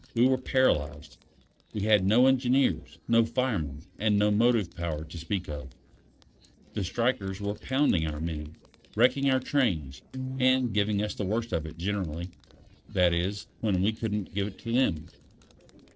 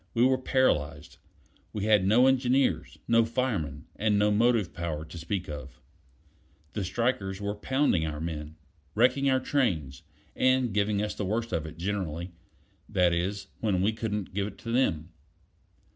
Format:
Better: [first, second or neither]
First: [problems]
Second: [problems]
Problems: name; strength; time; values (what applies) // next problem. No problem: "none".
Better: second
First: noise reduction (neural separator model SepFormer DNS4)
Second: none